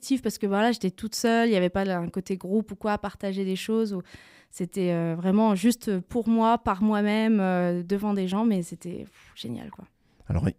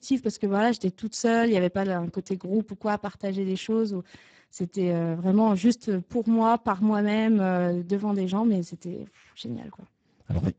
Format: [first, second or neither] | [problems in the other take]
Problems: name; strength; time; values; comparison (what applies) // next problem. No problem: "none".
first | garbled, watery; badly; nothing above 7.5 kHz